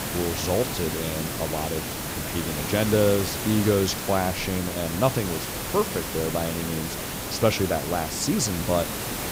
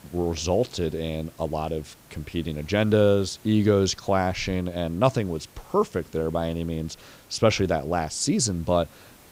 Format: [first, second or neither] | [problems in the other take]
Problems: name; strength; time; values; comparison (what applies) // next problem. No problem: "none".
second | hiss; loud; throughout; 3 dB below the speech; faint in the second